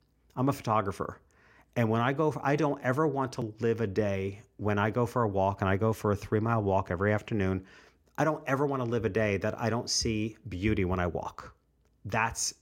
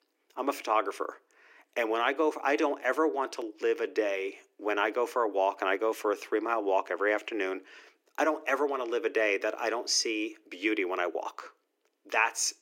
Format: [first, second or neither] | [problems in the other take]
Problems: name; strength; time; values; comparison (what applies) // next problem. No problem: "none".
first | thin; very; fading below 300 Hz